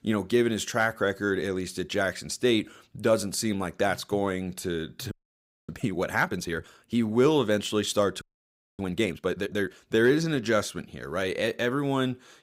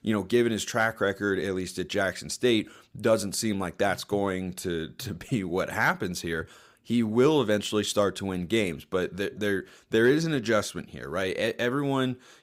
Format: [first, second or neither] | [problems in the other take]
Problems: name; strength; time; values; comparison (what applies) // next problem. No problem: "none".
second | audio freezing; at 5 s for 0.5 s and at 8 s for 0.5 s